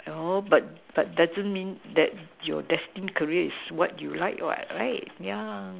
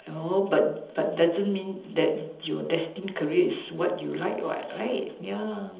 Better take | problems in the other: first | room echo; dies away in 1.2 s

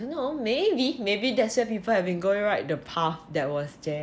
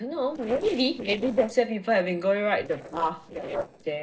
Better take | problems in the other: first | noise reduction (neural separator model SepFormer DNS4)

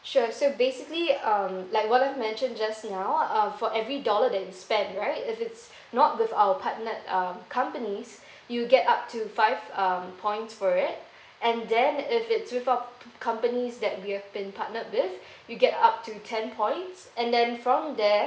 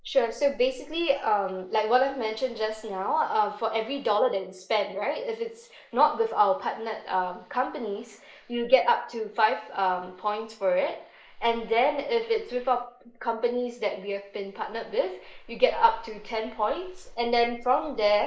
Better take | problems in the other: first | noise reduction (neural mask model Resemble Enhance denoiser)

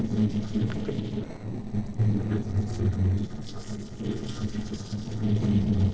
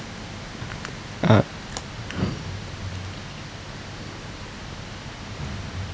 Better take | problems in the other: second | noise reduction (neural separator model SepFormer DNS4)

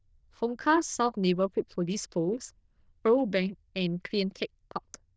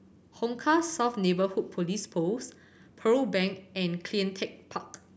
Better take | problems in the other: second | noise reduction (neural diffusion model UNIVERSE++)

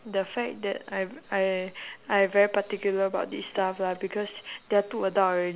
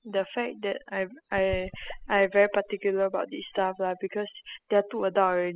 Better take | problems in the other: first | noise reduction (classical method spectral subtraction)

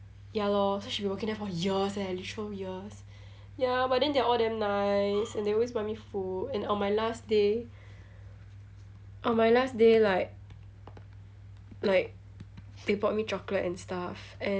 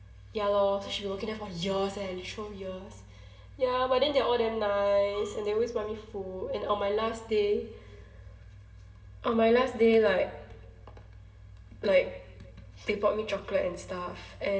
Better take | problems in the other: first | room echo; dies away in 1 s

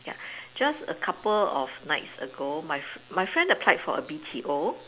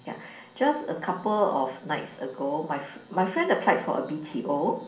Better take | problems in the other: first | room echo; dies away in 0.6 s

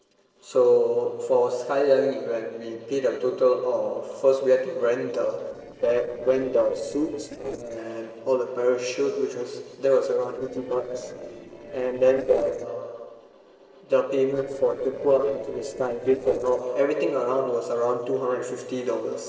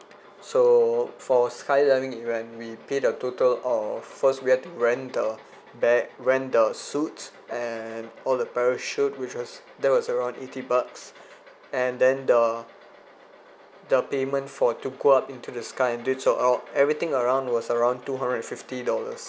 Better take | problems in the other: second | noise reduction (neural separator model SepFormer DNS4)

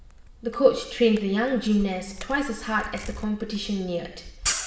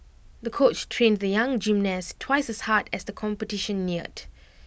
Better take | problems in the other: second | background sound (Camera); 11 dB below the speech // room echo; dies away in 0.7 s

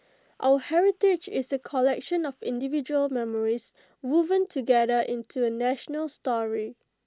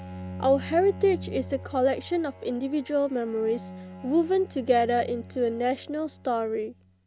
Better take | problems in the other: first | background sound (Bowed string instrument); 15 dB below the speech

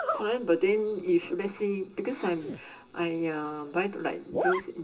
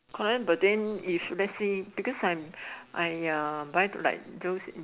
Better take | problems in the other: second | background sound (Zipper (clothing)); 8 dB below the speech // room echo; dies away in 0.2 s

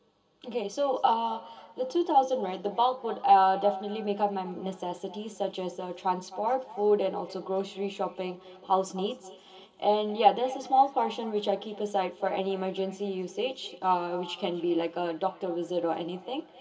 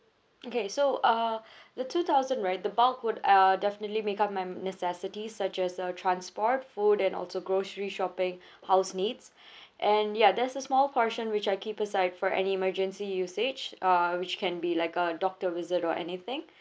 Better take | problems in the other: second | room echo; dies away in 2.4 s

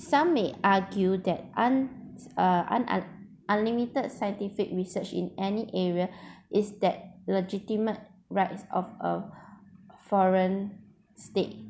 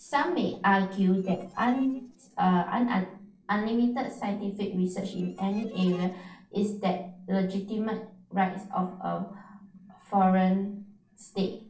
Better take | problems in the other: first | noise reduction (neural separator model SepFormer DNS4)

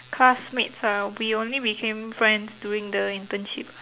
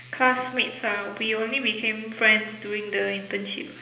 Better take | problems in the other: first | room echo; dies away in 0.8 s

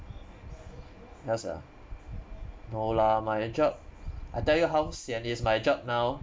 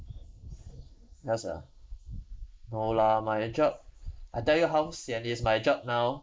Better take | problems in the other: first | noise reduction (neural mask model Resemble Enhance denoiser)

